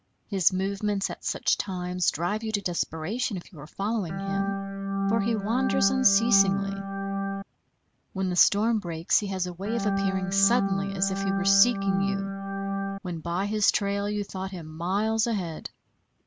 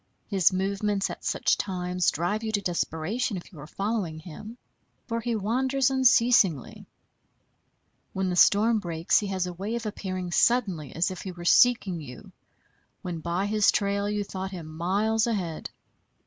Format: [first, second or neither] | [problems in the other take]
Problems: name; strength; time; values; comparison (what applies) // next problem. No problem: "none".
second | background sound (Organ); as loud as the speech